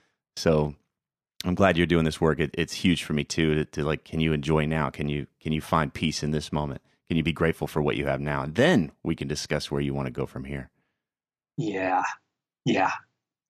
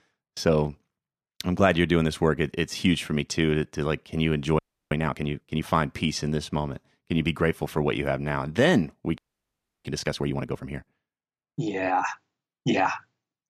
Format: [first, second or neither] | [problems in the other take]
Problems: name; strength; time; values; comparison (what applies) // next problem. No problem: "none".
first | audio freezing; at 4.5 s and at 9 s for 0.5 s